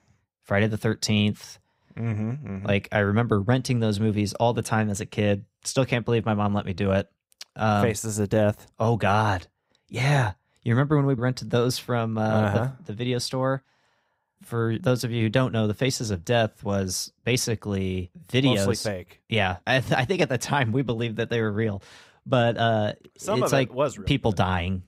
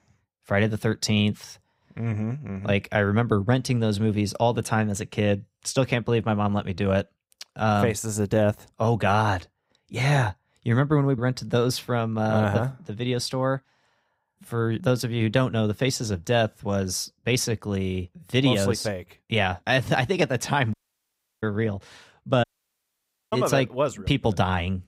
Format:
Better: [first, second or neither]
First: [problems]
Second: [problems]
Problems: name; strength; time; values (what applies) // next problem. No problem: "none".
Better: first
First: none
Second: audio cutting out; at 21 s for 0.5 s and at 22 s for 1 s